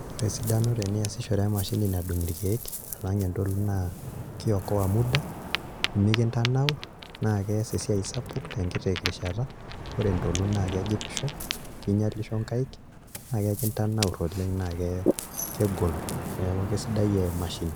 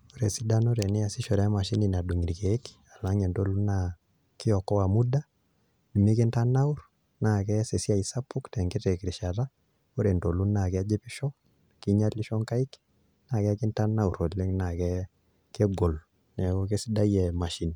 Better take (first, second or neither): second